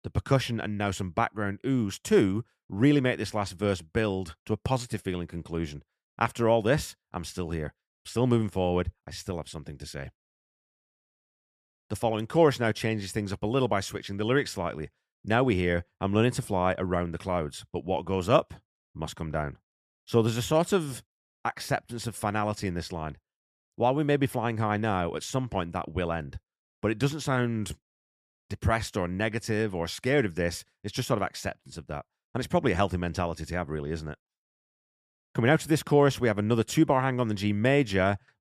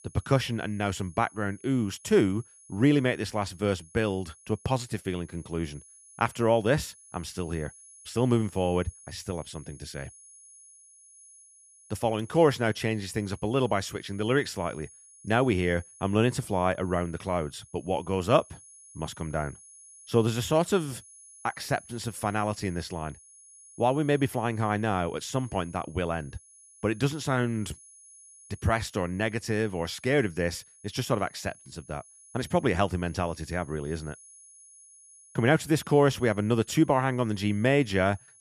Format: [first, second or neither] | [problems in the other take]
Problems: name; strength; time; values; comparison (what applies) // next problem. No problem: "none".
first | high-pitched whine; faint; throughout; 10 kHz, 25 dB below the speech